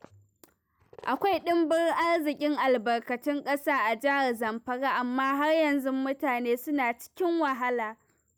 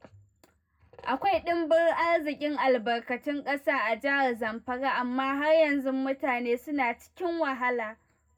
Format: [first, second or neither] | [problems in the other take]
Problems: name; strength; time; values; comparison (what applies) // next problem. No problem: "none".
first | room echo; dies away in 0.3 s